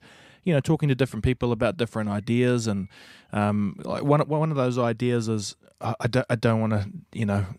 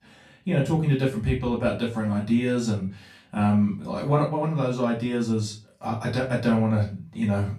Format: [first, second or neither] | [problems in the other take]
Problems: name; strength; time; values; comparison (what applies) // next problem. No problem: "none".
first | room echo; slight; dies away in 0.3 s // off-mic speech; far